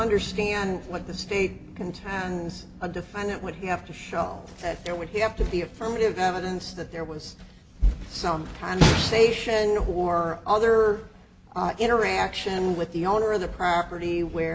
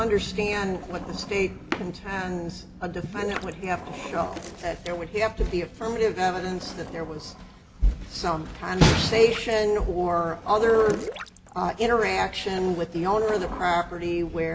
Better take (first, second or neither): first